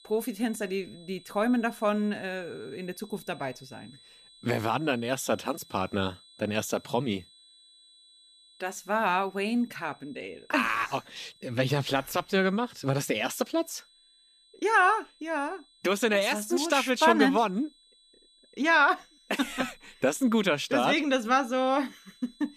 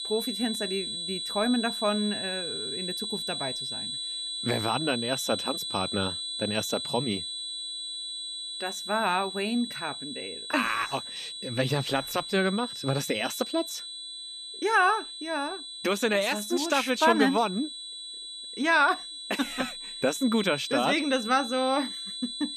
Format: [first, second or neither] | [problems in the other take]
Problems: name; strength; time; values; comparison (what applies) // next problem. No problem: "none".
first | high-pitched whine; loud; throughout; 4 kHz, 6 dB below the speech; faint in the first